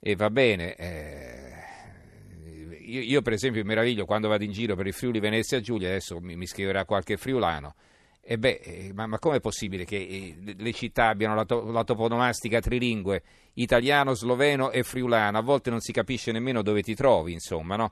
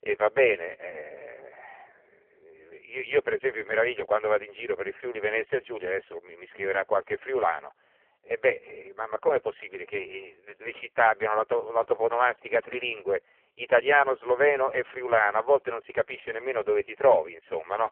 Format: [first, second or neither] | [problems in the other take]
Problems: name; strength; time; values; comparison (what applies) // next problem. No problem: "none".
first | phone-call audio; poor line